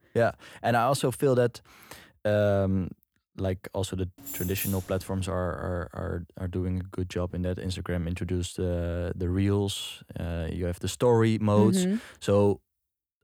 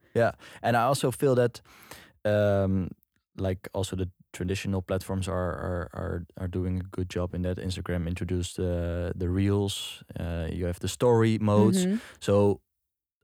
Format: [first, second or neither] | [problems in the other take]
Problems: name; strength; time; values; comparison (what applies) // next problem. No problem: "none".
second | jangling keys; noticeable; at 4 s; peak 4 dB below the speech